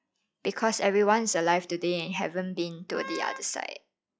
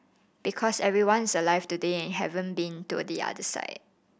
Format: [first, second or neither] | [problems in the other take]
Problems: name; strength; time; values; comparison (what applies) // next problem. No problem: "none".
second | noise reduction (classical method log-MMSE)